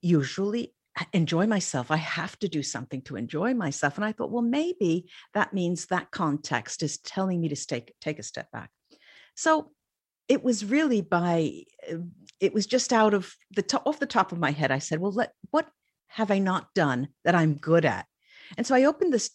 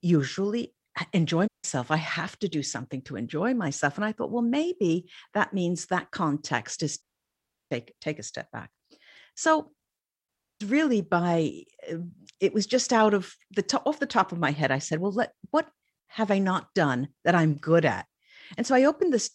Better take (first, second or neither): first